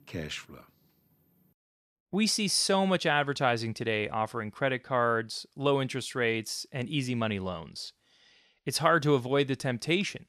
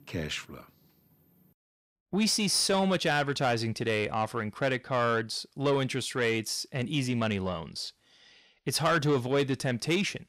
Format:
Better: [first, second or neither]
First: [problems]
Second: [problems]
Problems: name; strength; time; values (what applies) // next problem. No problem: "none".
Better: first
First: none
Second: distortion; slight; 10 dB below the speech